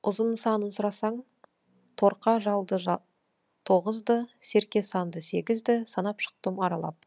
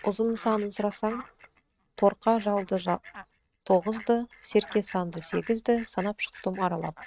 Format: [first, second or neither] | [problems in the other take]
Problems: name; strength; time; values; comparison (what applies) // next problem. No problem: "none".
first | noise reduction (neural mask model RNNoise)